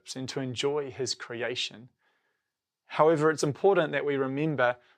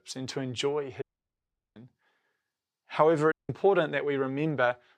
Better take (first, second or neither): first